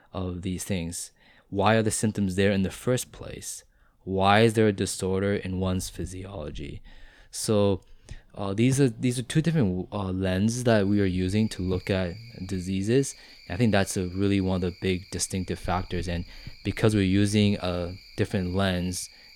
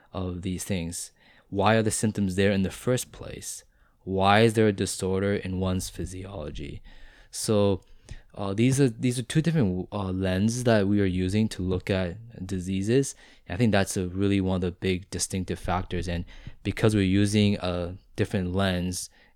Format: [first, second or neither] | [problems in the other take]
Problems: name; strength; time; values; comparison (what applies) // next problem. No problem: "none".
second | animal sounds; faint; throughout; 25 dB below the speech